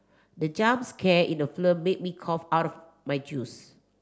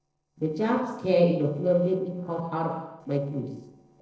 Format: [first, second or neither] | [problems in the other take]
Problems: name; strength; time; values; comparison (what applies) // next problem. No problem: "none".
first | noise reduction (neural separator model SepFormer DNS4)